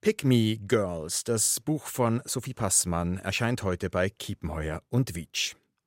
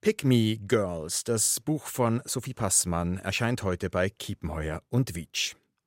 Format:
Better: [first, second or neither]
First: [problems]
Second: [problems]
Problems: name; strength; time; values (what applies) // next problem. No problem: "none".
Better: neither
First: none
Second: none